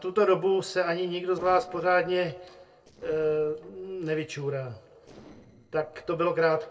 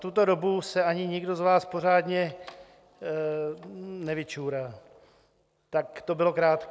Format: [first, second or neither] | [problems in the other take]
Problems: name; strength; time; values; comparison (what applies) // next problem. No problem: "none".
second | noise reduction (neural separator model SepFormer DNS4)